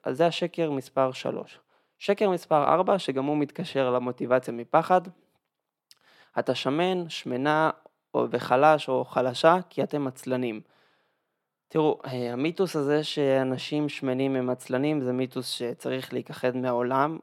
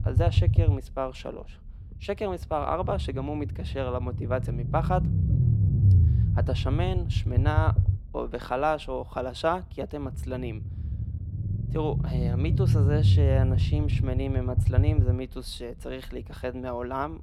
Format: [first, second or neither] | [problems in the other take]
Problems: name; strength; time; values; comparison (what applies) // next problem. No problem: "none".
first | low rumble; loud; throughout; 8 dB below the speech